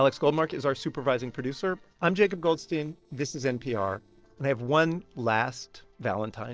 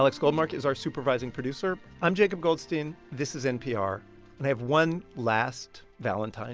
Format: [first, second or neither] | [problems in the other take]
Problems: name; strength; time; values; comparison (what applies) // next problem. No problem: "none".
second | noise reduction (neural separator model SepFormer DNS4)